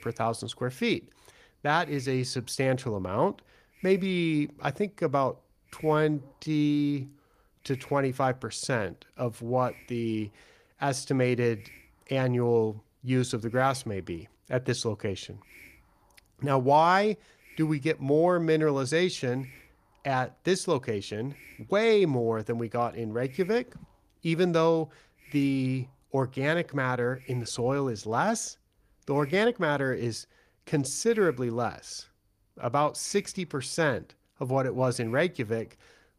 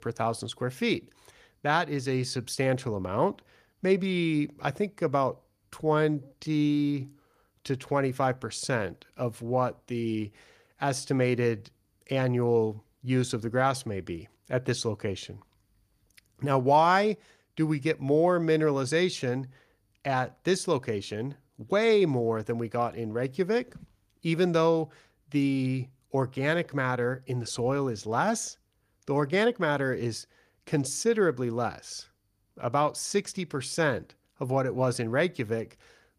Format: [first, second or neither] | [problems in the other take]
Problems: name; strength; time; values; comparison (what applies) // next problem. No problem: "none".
second | hiss; faint; throughout; 25 dB below the speech